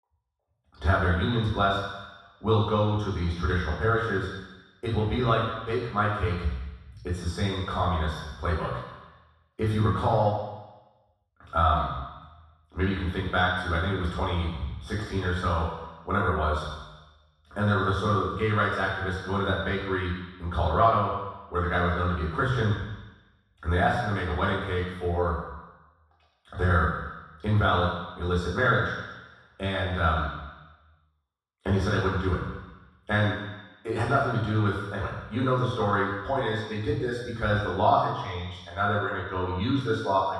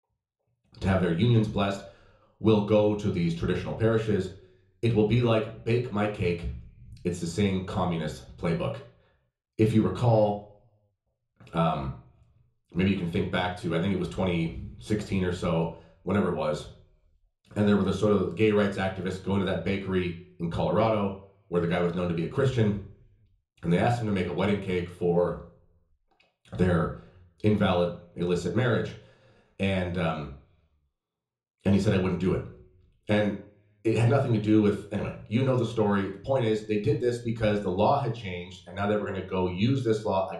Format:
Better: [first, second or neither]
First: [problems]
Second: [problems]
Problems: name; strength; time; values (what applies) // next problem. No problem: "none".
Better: second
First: room echo; strong; dies away in 1.2 s // off-mic speech; far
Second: room echo; slight; dies away in 0.5 s // off-mic speech; far